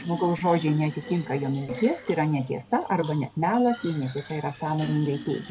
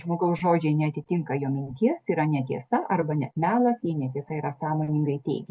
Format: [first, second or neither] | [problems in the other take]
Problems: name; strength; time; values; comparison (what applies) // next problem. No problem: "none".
second | background sound (Fill (with liquid)); 15 dB below the speech